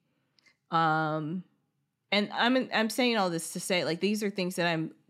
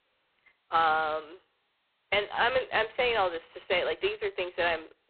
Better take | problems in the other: first | phone-call audio; poor line; nothing above 4 kHz

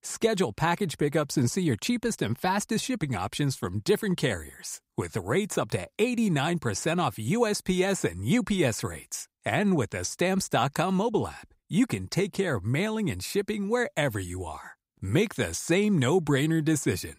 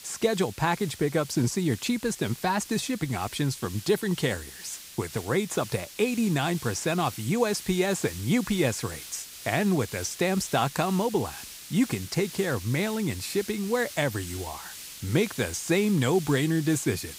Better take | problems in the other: first | hiss; noticeable; throughout; 15 dB below the speech

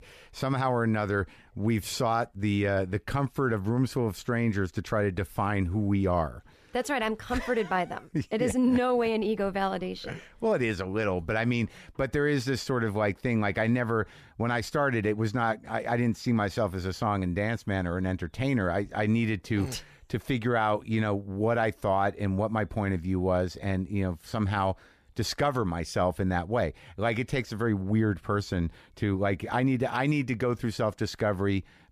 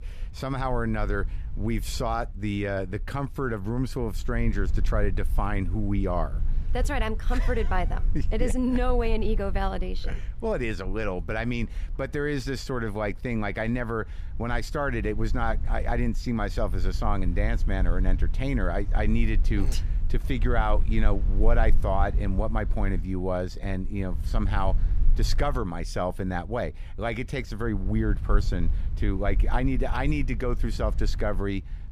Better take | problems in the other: first | low rumble; faint; throughout; 20 dB below the speech

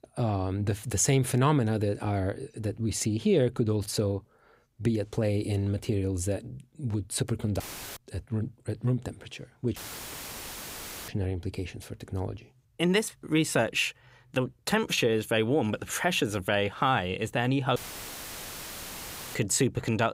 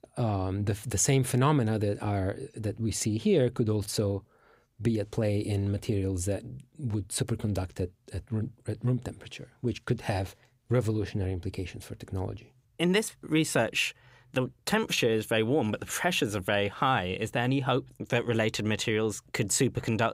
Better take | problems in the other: second | audio cutting out; filled with static; at 7.5 s, at 10 s for 1.5 s and at 18 s for 1.5 s

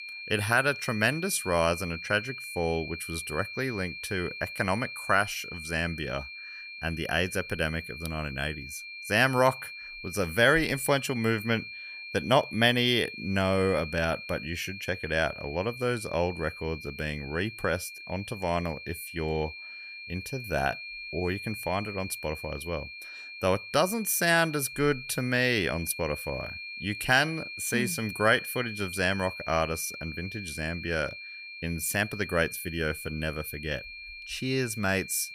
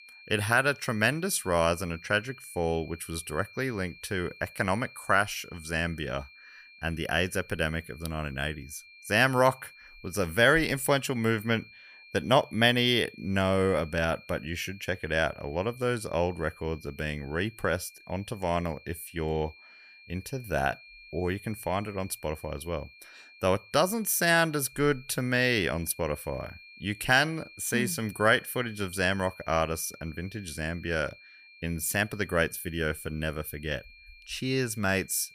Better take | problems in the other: second | high-pitched whine; loud; throughout; 2.5 kHz, 10 dB below the speech; faint in the second

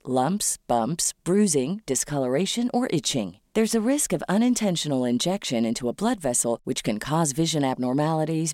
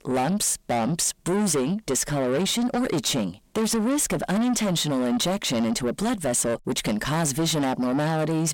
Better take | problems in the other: first | distortion; heavy; 7 dB below the speech

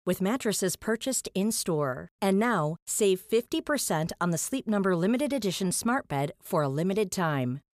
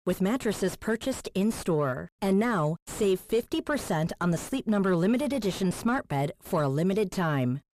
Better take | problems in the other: first | distortion; slight; 9 dB below the speech

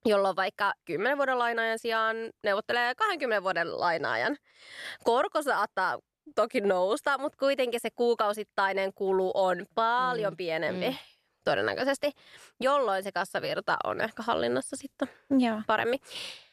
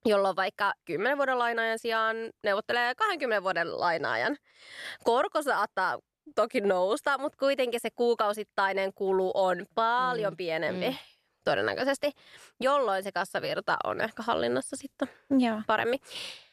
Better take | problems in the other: neither | none

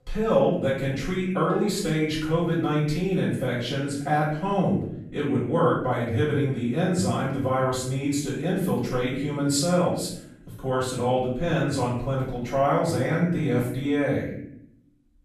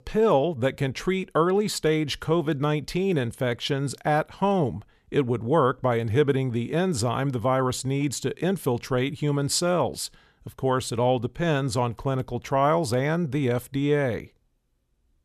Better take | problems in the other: second | off-mic speech; far // room echo; noticeable; dies away in 0.7 s

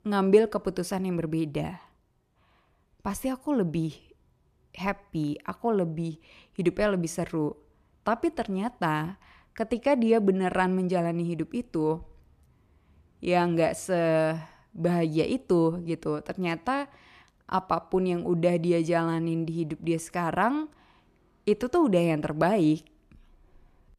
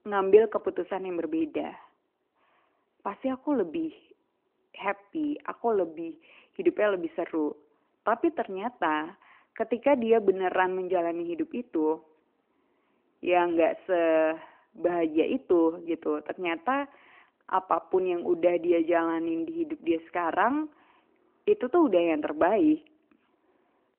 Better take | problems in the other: first | phone-call audio; nothing above 3 kHz

